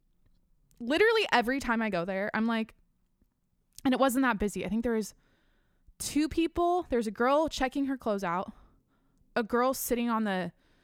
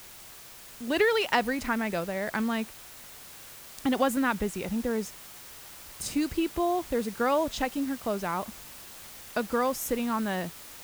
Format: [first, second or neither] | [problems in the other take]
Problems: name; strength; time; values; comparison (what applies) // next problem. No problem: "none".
first | hiss; noticeable; throughout; 15 dB below the speech